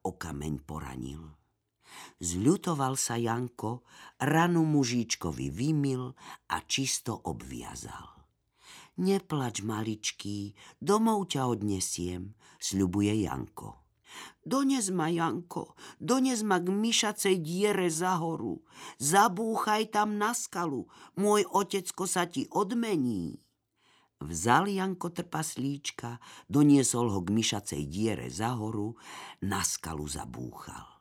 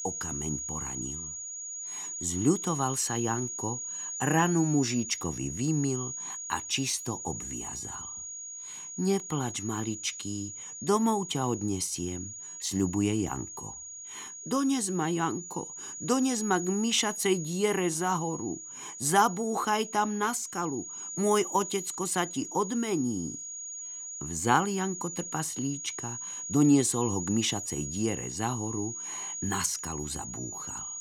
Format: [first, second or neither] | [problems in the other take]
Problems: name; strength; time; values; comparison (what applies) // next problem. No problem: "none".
first | high-pitched whine; loud; throughout; 6.5 kHz, 7 dB below the speech